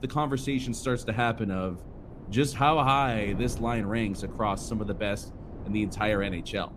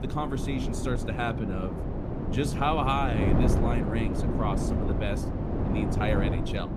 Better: first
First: wind noise on the microphone; occasional gusts; 20 dB below the speech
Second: wind noise on the microphone; heavy; 3 dB below the speech

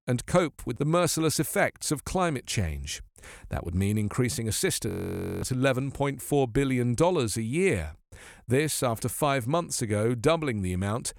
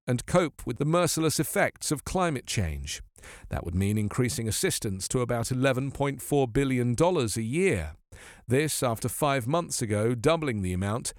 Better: second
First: audio freezing; at 5 s for 0.5 s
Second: none

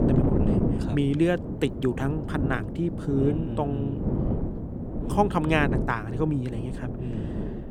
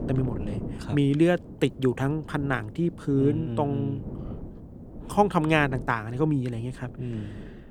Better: second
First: wind noise on the microphone; heavy; 7 dB below the speech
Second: wind noise on the microphone; occasional gusts; 20 dB below the speech

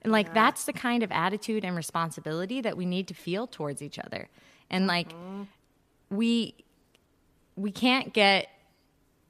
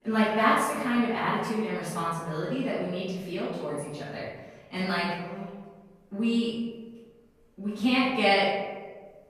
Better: first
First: none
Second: room echo; strong; dies away in 1.2 s // off-mic speech; far

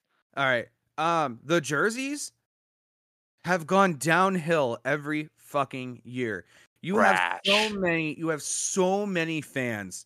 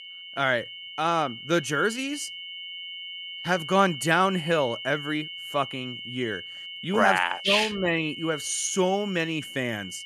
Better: first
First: none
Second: high-pitched whine; noticeable; throughout; 3 kHz, 10 dB below the speech

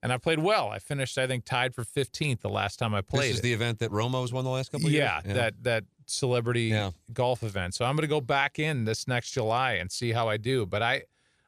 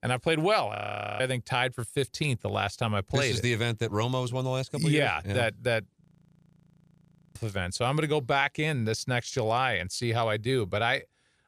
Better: first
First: none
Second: audio freezing; at 1 s and at 6 s for 1.5 s

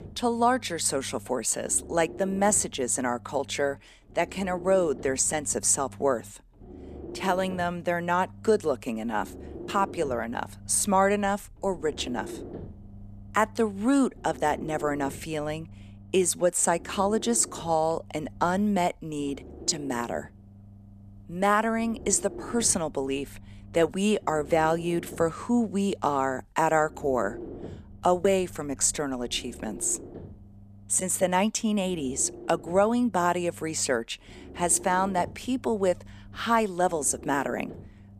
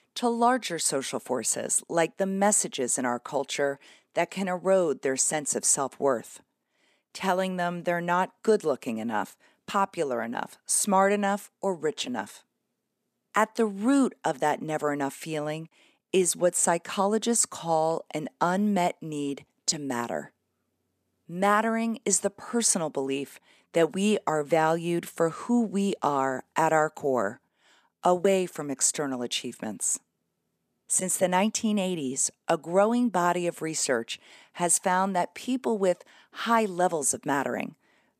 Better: second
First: low rumble; faint; throughout; 20 dB below the speech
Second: none

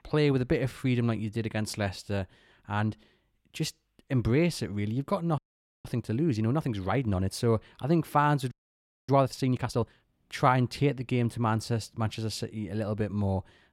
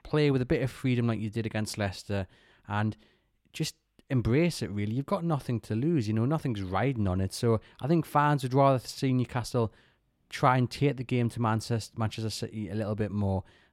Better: second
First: audio freezing; at 5.5 s and at 8.5 s for 0.5 s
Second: none

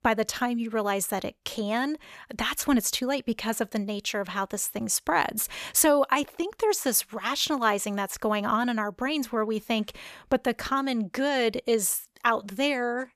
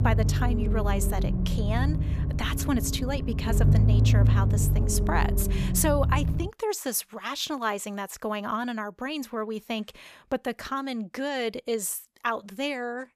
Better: first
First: none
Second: low rumble; loud; until 6.5 s; 6 dB below the speech

